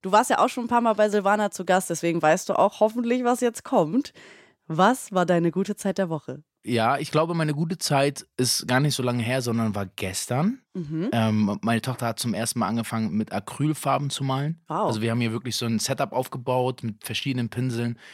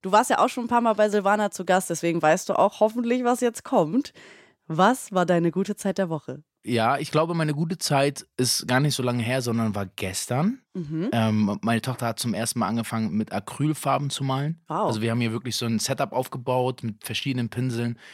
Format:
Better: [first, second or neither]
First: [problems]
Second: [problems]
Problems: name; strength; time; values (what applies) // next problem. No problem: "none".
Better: neither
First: none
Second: none